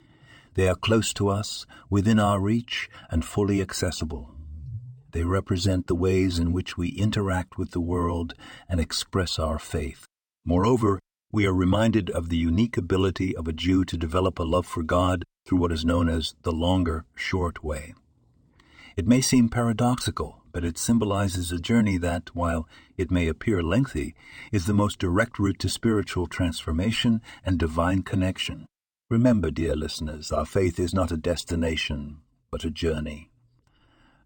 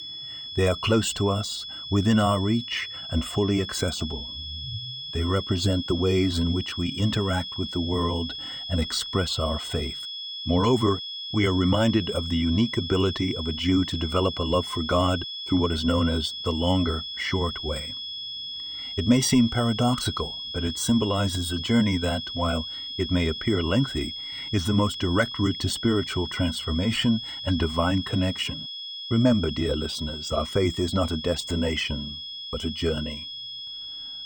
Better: first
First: none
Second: high-pitched whine; loud; throughout; 3.5 kHz, 7 dB below the speech

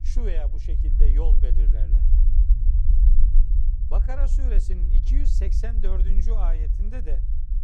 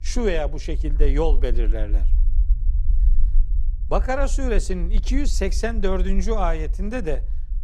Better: second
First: low rumble; loud; throughout; 5 dB below the speech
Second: low rumble; faint; throughout; 20 dB below the speech

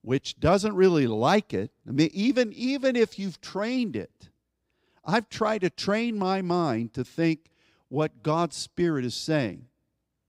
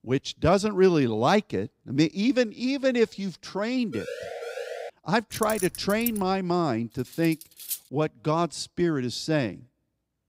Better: first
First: none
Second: siren; noticeable; at 4 s; peak 9 dB below the speech // jangling keys; noticeable; at 5.5 s; peak 7 dB below the speech // clattering dishes; noticeable; at 7 s; peak 8 dB below the speech

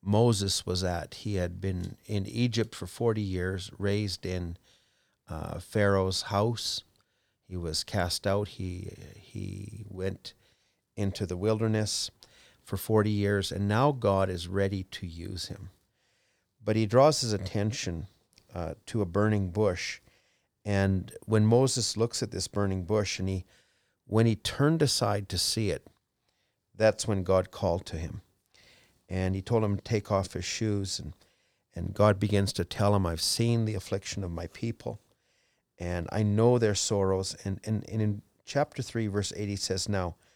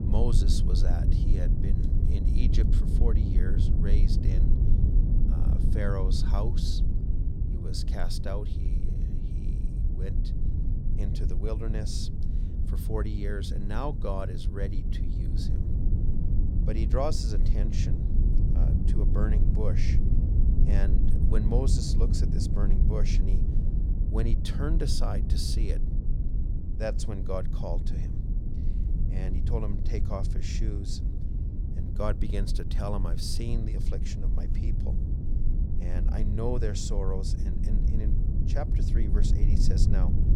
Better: first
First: none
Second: low rumble; loud; throughout; 5 dB below the speech

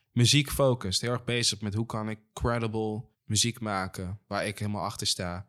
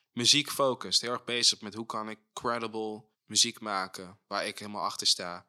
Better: first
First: none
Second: thin; somewhat; fading below 300 Hz

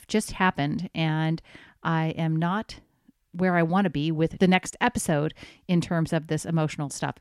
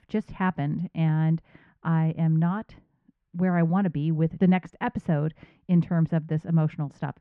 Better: first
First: none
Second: muffled; very; fading above 2 kHz

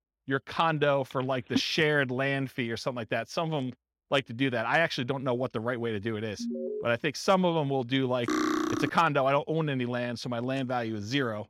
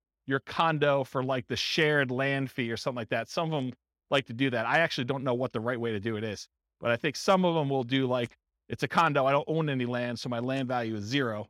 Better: second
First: phone ringing; noticeable; at 1.5 s; peak 5 dB below the speech // alarm; noticeable; at 6.5 s; peak 5 dB below the speech // clattering dishes; loud; at 8.5 s; peak 1 dB above the speech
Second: none

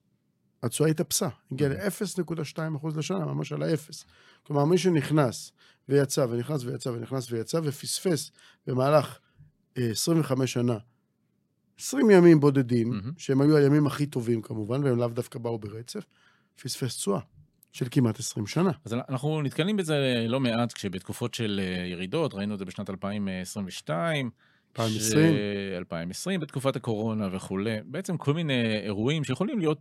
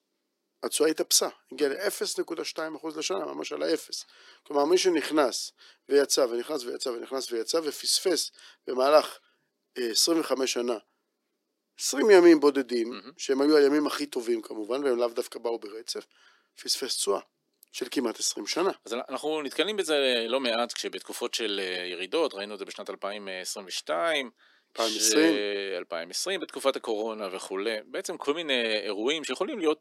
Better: first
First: none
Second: thin; somewhat; fading below 300 Hz

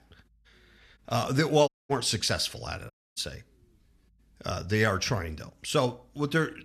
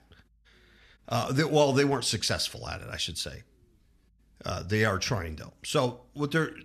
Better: second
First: audio cutting out; at 1.5 s and at 3 s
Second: none

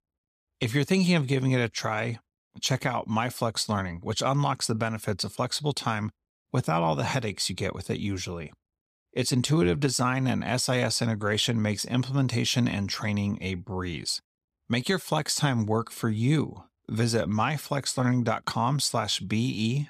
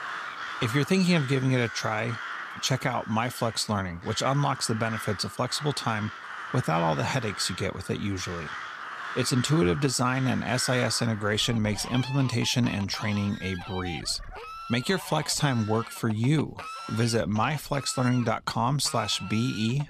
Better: first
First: none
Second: animal sounds; noticeable; throughout; 10 dB below the speech

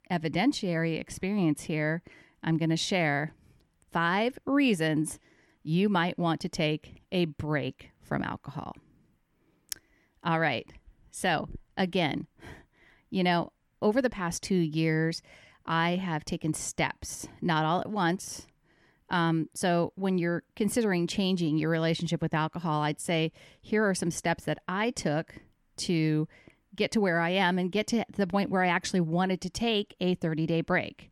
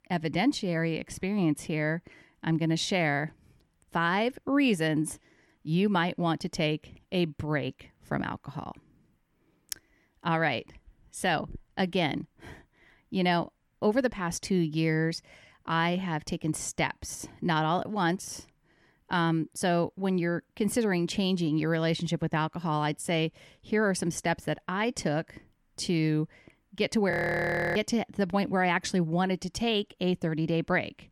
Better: first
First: none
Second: audio freezing; at 27 s for 0.5 s

